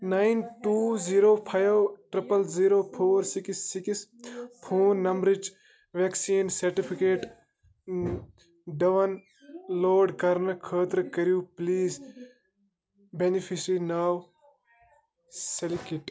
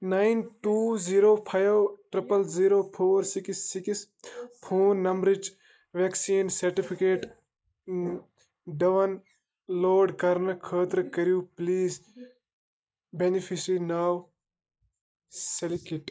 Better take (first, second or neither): first